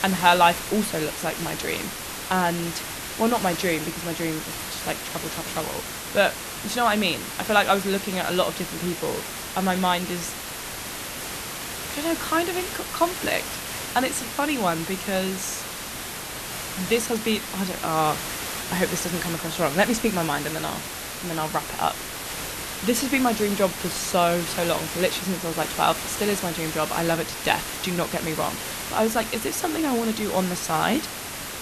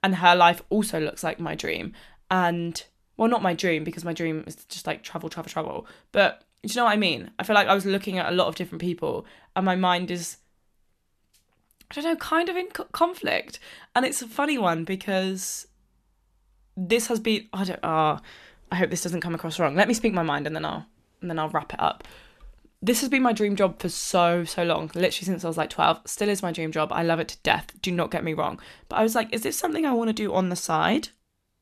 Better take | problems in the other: second | hiss; loud; throughout; 5 dB below the speech

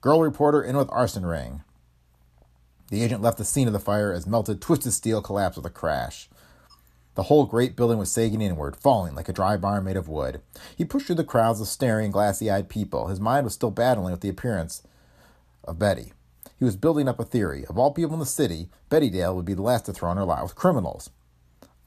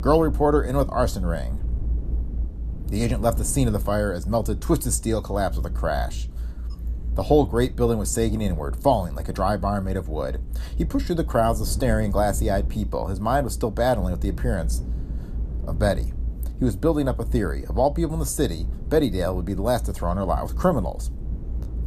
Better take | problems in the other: first | low rumble; faint; throughout; 20 dB below the speech

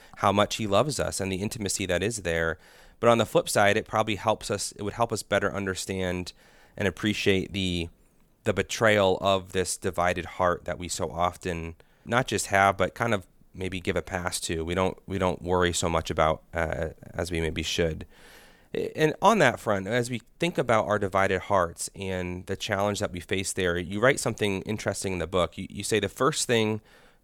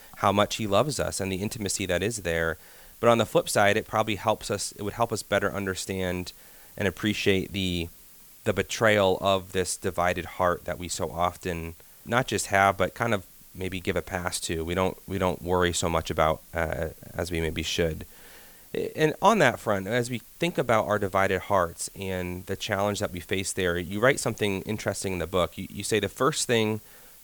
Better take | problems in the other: first | hiss; faint; throughout; 20 dB below the speech

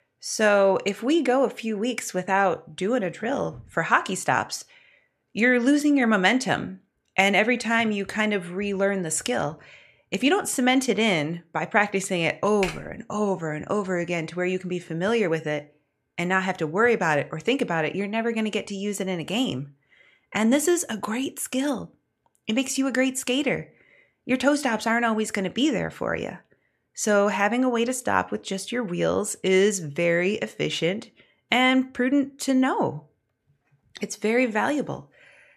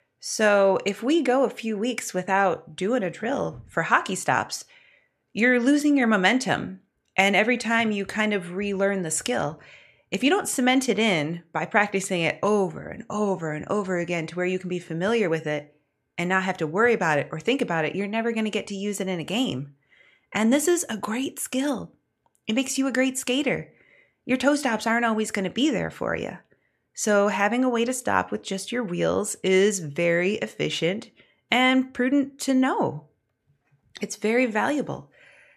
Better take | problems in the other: second | keyboard typing; noticeable; at 13 s; peak 9 dB below the speech

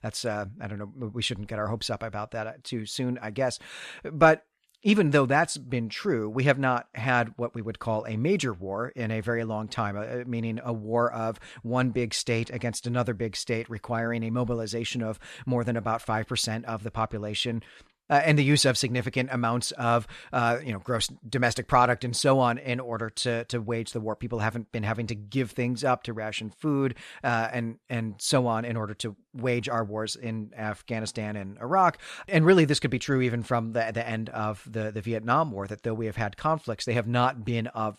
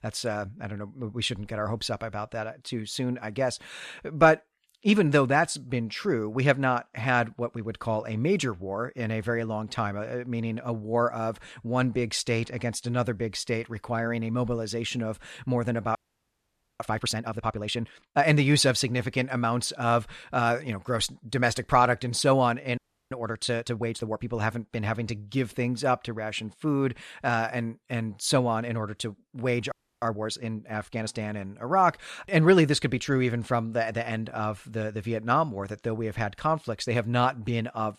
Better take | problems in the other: first | audio freezing; at 16 s for 1 s, at 23 s and at 30 s

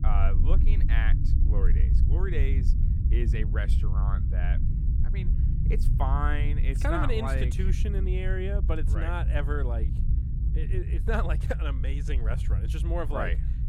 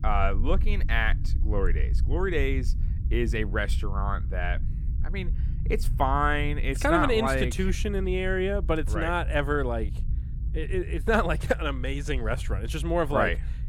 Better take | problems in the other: second | low rumble; loud; throughout; 8 dB below the speech; faint in the second

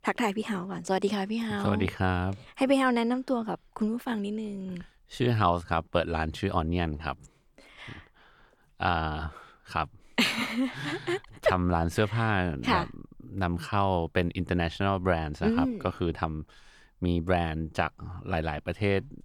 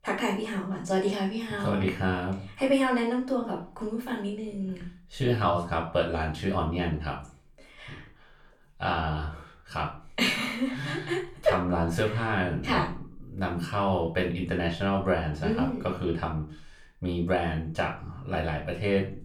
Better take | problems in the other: first | off-mic speech; far // room echo; slight; dies away in 0.3 s

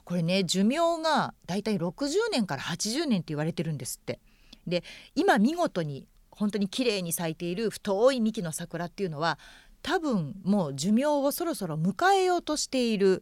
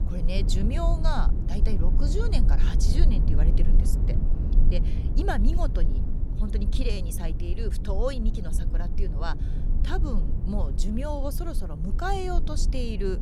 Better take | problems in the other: first | low rumble; loud; throughout; 8 dB below the speech

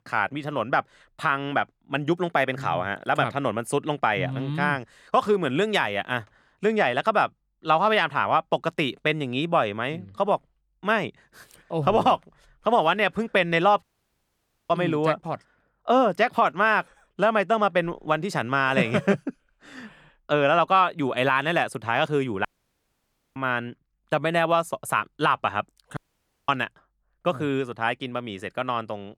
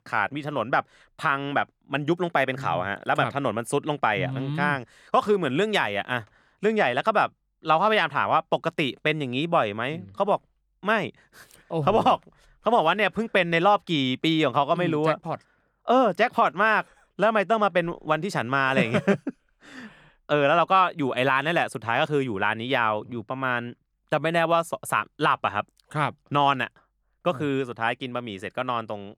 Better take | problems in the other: second | audio cutting out; at 14 s for 1 s, at 22 s for 1 s and at 26 s for 0.5 s

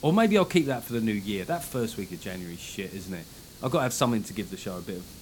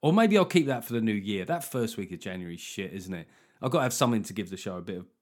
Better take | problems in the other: second | hiss; noticeable; throughout; 15 dB below the speech

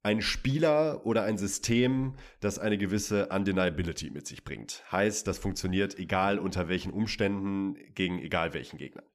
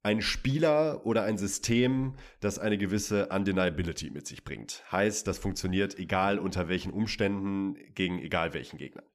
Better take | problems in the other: neither | none

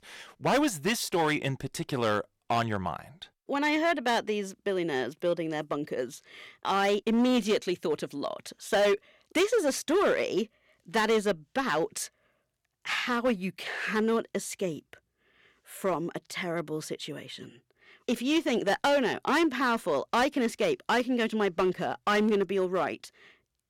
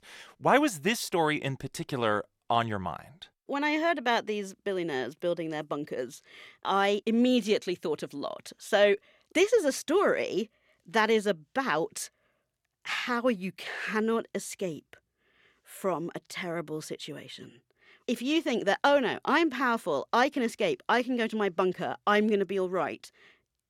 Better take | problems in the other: second | distortion; slight; 5% of the sound clipped

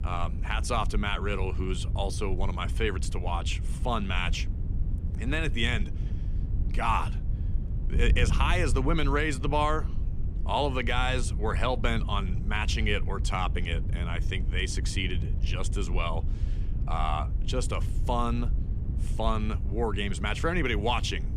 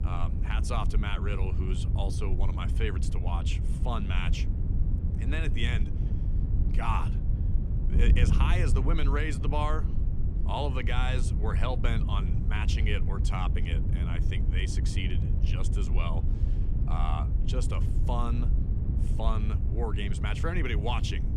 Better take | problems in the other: first | wind noise on the microphone; heavy; 8 dB below the speech; occasional gusts in the first

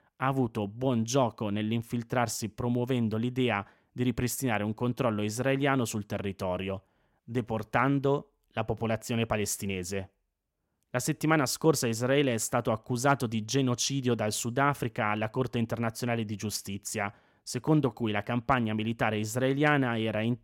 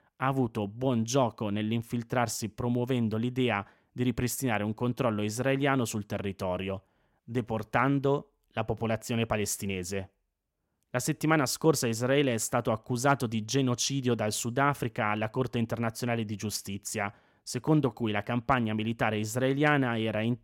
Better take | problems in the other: neither | none

